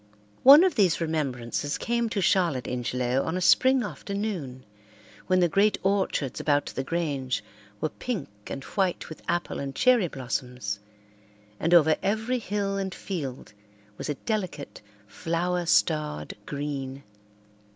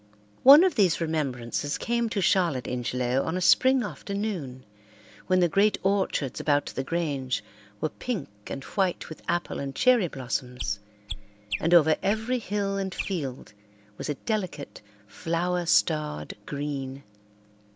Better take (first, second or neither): first